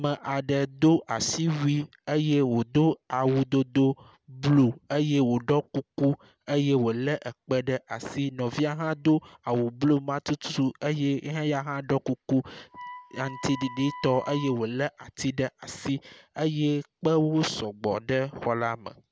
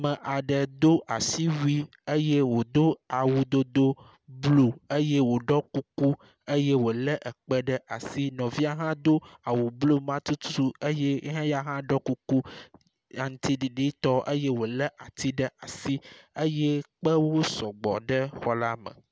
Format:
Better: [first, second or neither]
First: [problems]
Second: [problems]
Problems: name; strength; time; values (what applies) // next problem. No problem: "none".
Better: second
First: background sound (Wind instrument, woodwind instrument); 17 dB below the speech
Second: none